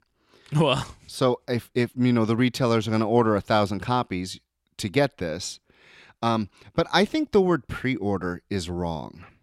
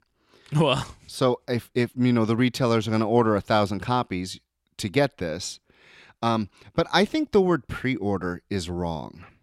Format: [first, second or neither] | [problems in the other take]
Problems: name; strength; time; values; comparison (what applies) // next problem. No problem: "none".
neither | none